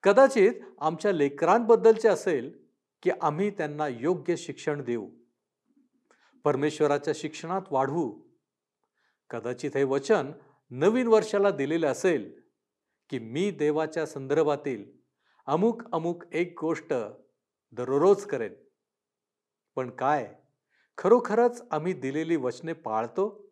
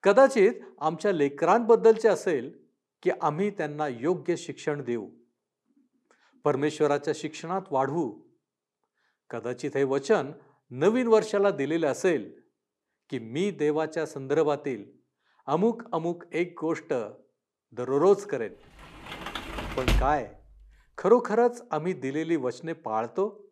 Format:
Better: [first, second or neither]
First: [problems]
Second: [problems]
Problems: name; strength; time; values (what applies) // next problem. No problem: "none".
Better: first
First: none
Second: door banging; noticeable; from 19 to 20 s; peak 1 dB below the speech